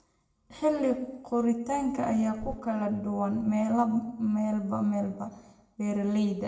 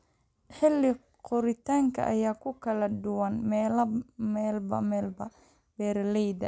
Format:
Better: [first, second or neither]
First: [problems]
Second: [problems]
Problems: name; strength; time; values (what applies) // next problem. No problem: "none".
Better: second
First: background sound (Bird); 20 dB below the speech // room echo; dies away in 0.8 s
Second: none